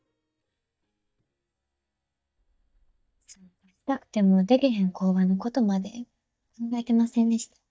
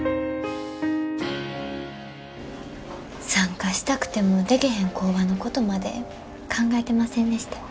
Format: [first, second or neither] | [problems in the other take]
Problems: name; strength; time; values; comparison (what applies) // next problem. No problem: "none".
second | noise reduction (neural mask model DeepFilterNet 3)